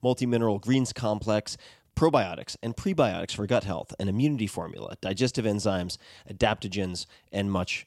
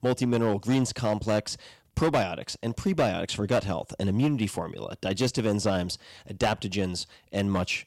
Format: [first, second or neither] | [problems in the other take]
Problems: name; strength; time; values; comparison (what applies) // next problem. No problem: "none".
first | distortion; slight; 6% of the sound clipped